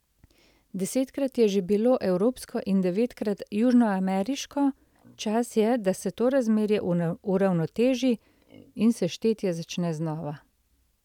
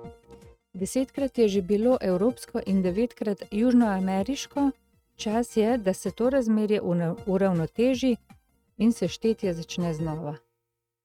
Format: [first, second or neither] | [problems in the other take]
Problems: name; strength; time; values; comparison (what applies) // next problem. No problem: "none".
first | noise reduction (neural mask model RNNoise)